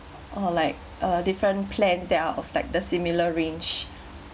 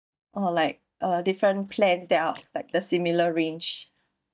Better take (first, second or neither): first